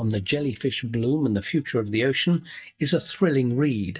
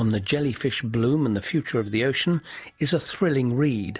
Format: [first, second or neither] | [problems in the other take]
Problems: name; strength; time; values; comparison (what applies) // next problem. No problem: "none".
second | noise reduction (neural mask model DeepFilterNet 3)